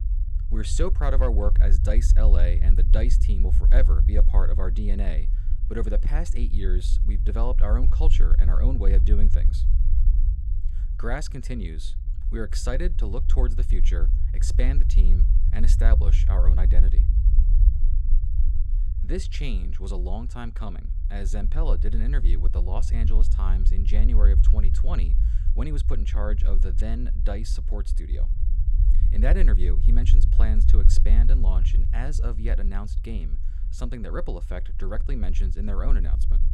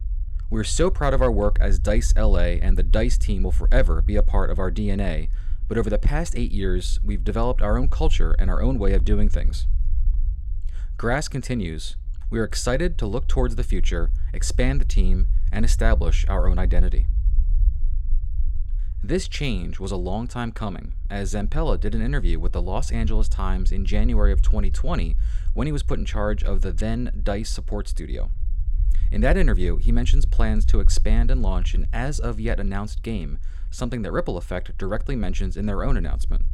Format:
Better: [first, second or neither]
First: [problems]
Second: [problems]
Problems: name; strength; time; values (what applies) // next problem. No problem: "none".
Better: second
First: low rumble; loud; throughout; 9 dB below the speech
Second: low rumble; faint; throughout; 20 dB below the speech